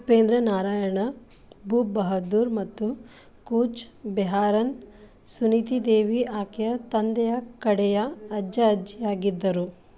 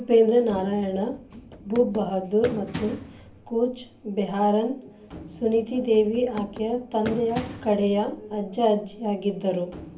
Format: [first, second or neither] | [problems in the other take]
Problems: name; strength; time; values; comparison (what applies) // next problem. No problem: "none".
first | background sound (Run); 15 dB below the speech // room echo; dies away in 0.3 s